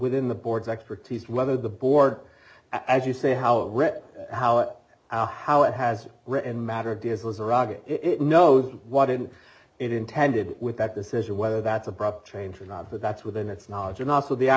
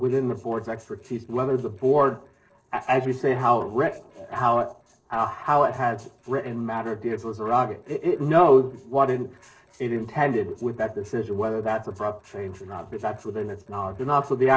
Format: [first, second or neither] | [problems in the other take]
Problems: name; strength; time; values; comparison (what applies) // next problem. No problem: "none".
first | noise reduction (neural separator model SepFormer DNS4)